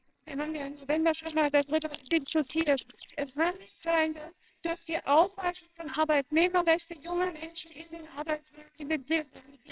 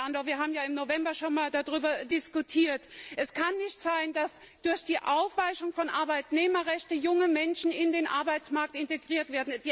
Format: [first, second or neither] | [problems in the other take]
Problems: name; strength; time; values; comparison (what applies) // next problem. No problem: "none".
second | noise reduction (neural separator model SepFormer WHAMR!)